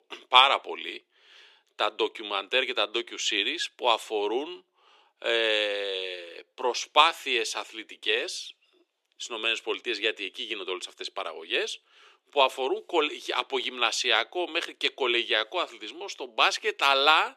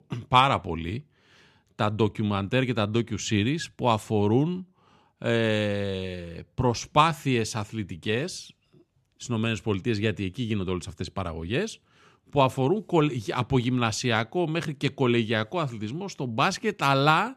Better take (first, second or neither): second